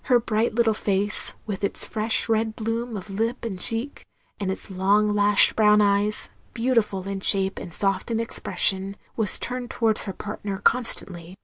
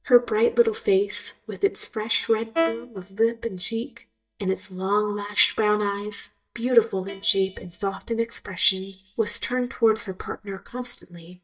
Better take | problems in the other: first | noise reduction (neural mask model DeepFilterNet 3)

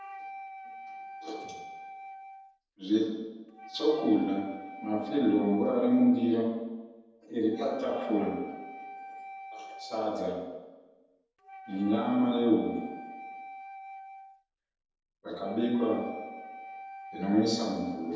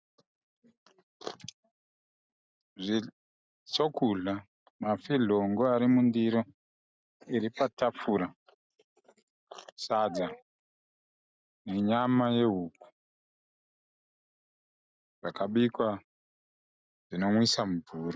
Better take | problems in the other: second | background sound (Wind instrument, woodwind instrument); 14 dB below the speech // room echo; dies away in 1.1 s

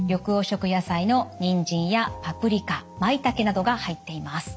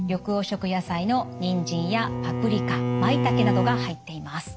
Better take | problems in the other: first | background sound (Bowed string instrument); 1 dB below the speech

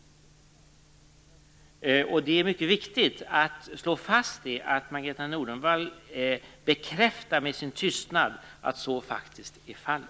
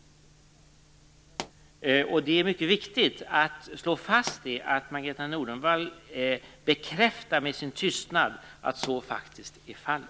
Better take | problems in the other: first | background sound (Explosion); 15 dB below the speech

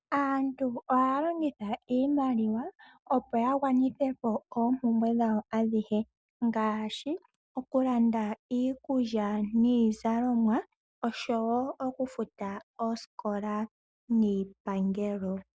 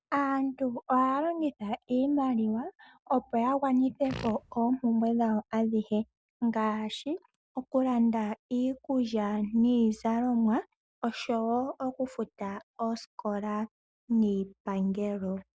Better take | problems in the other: first | background sound (Fart); 11 dB below the speech

